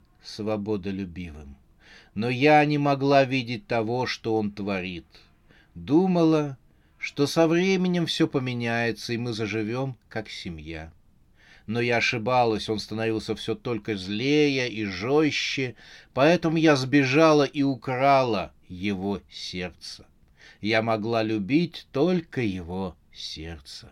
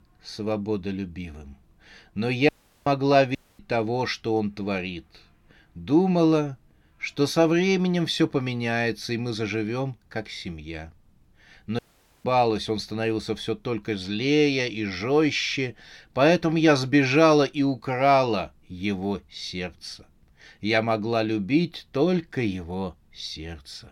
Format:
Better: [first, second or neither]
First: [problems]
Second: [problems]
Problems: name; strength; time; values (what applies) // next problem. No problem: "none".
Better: first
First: none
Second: audio cutting out; at 2.5 s, at 3.5 s and at 12 s